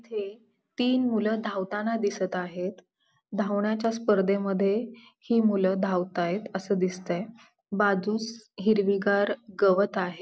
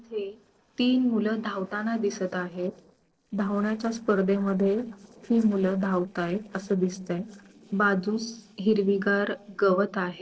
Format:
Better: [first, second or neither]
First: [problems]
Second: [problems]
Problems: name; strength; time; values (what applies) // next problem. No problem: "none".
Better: first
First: none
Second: noise reduction (neural separator model SepFormer DNS4)